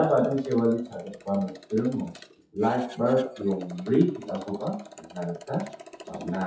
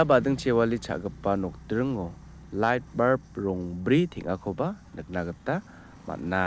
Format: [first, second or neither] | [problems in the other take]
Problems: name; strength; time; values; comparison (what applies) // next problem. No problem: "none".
second | noise reduction (classical method WPE with log-MMSE)